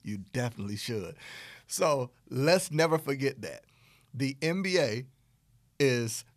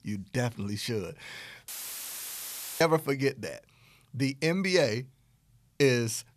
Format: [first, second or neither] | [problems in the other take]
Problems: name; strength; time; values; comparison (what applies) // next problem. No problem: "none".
first | audio cutting out; filled with static; at 1.5 s for 1 s